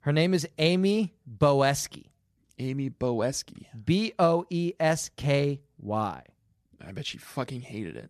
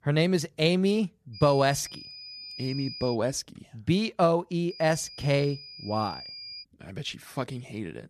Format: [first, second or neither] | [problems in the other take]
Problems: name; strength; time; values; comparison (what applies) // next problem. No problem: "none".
first | high-pitched whine; noticeable; from 1.5 to 3 s and from 4.5 to 6.5 s; 5 kHz, 15 dB below the speech